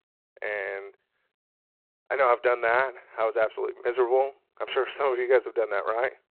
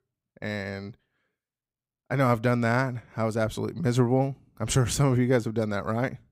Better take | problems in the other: second | phone-call audio; nothing above 4 kHz

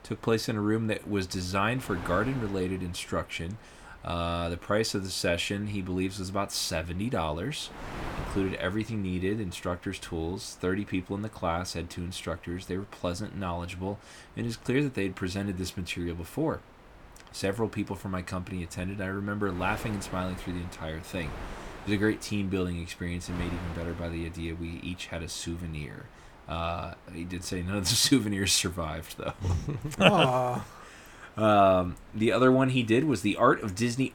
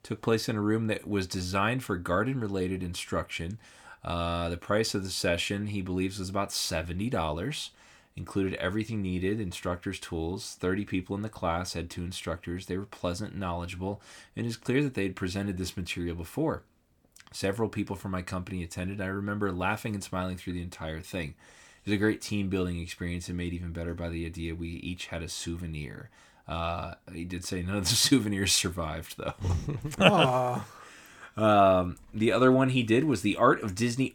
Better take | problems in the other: second | wind noise on the microphone; occasional gusts; 20 dB below the speech

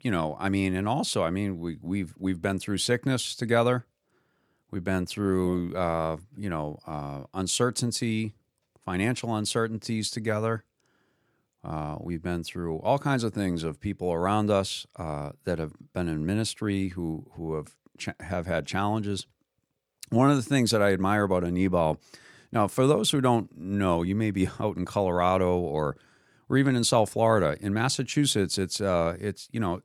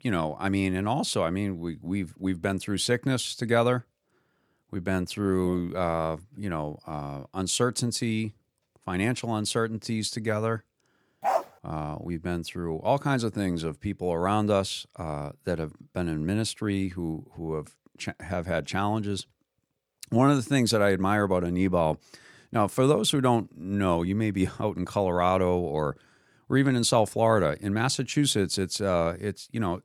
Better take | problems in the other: first | dog barking; noticeable; at 11 s; peak 1 dB below the speech

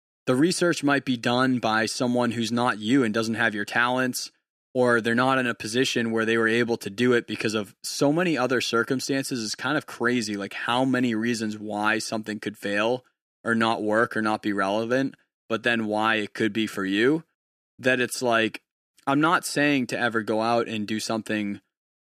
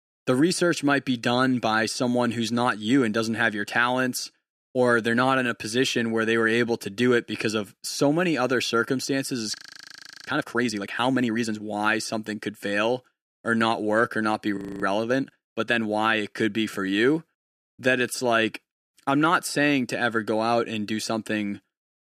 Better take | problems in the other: first | audio freezing; at 9.5 s for 0.5 s and at 15 s

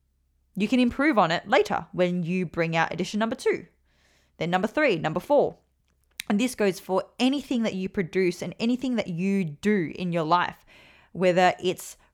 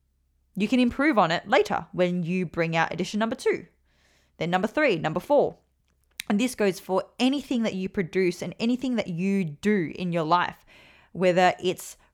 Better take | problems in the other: neither | none

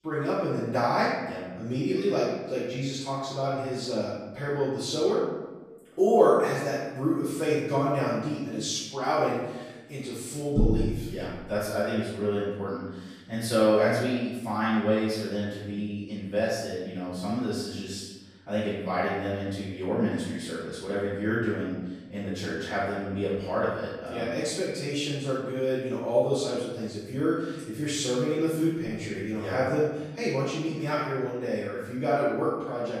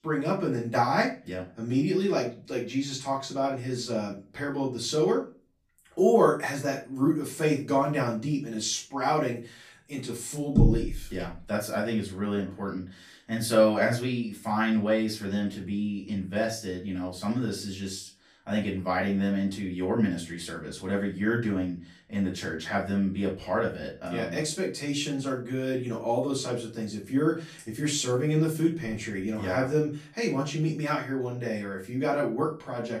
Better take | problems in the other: second | room echo; strong; dies away in 1 s; slight in the second // off-mic speech; far; far in the second

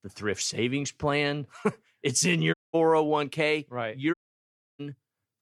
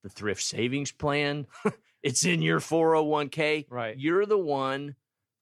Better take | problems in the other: second | audio cutting out; at 2.5 s and at 4 s for 0.5 s

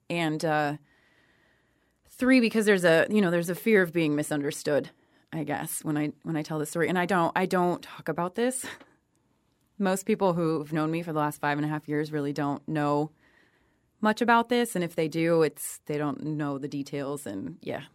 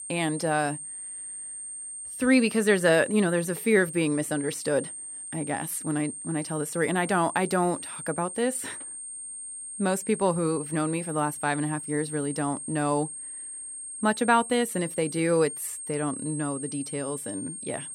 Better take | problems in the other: first | high-pitched whine; loud; throughout; 8.5 kHz, 9 dB below the speech

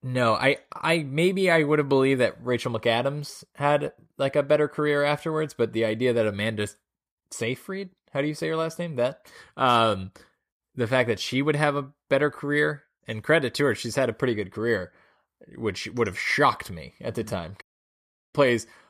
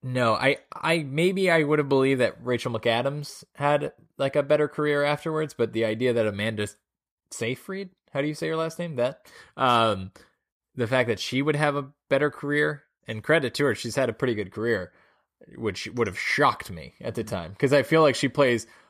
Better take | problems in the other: second | audio cutting out; at 18 s for 0.5 s

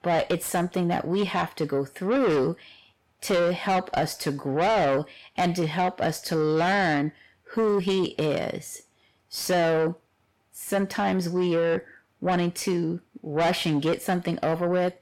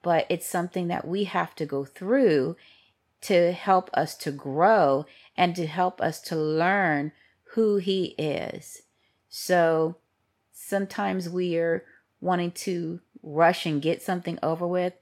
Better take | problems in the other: second | distortion; heavy; 7 dB below the speech

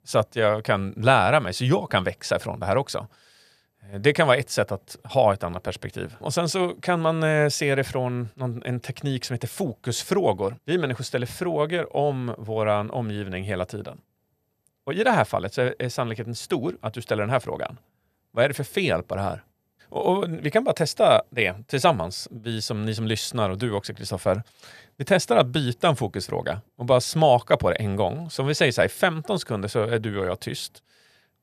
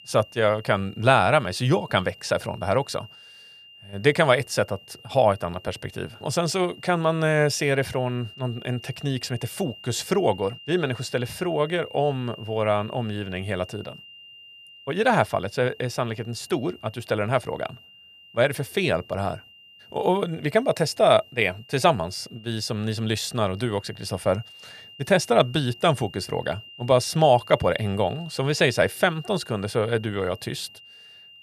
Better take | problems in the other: first | high-pitched whine; noticeable; throughout; 3 kHz, 20 dB below the speech

